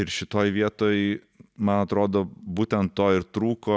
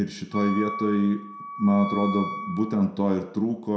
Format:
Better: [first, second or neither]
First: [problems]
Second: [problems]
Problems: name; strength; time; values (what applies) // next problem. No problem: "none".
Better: first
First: none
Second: background sound (Wind instrument, woodwind instrument); 9 dB below the speech // room echo; dies away in 0.5 s